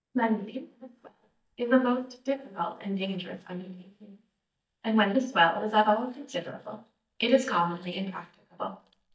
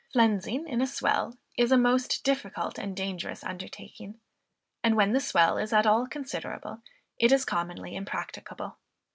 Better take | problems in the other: second | noise reduction (neural mask model DeepFilterNet 3)

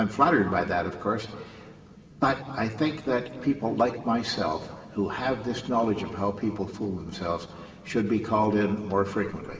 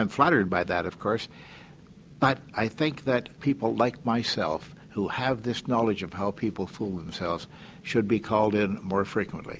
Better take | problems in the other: second | room echo; dies away in 2.4 s

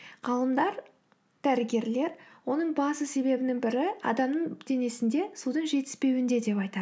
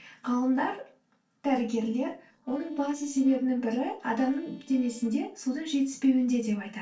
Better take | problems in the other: first | noise reduction (neural separator model SepFormer DNS4)

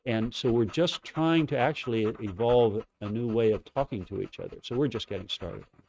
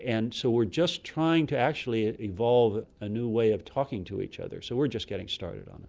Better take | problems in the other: second | noise reduction (neural mask model RNNoise)

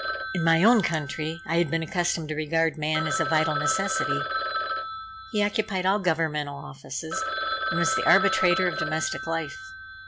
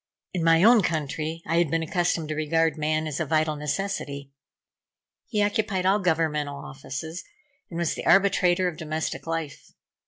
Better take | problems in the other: second | background sound (Telephone); 4 dB below the speech

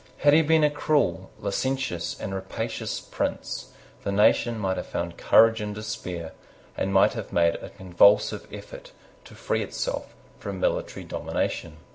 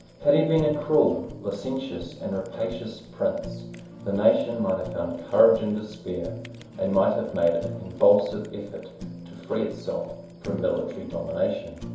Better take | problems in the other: first | background sound (Fire); 15 dB below the speech // room echo; dies away in 2.8 s

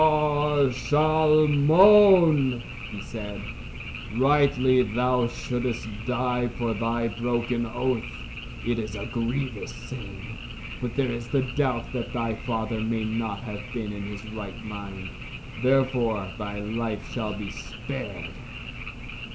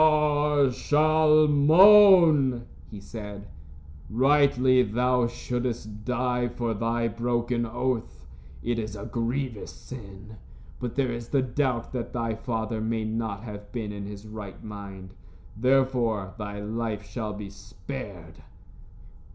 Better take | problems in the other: second | background sound (Frog); 12 dB below the speech

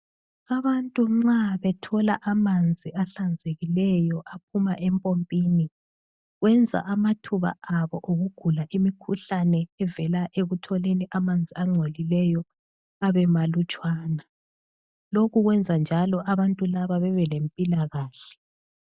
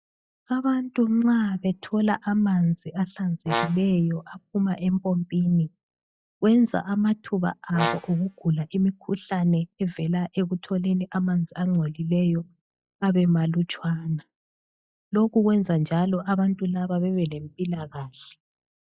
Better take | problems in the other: first | noise reduction (classical method log-MMSE)

